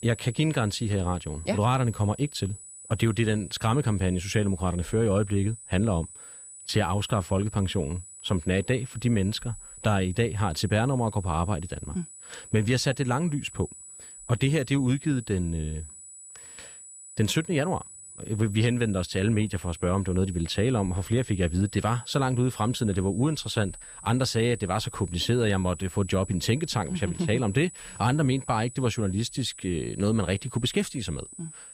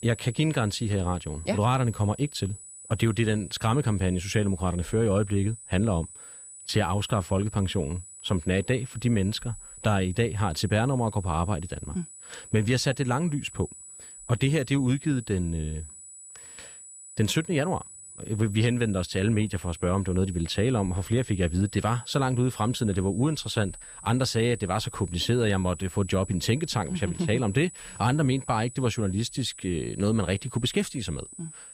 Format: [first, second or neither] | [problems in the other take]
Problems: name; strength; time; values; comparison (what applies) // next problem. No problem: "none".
neither | high-pitched whine; noticeable; throughout; 8 kHz, 15 dB below the speech; the same in both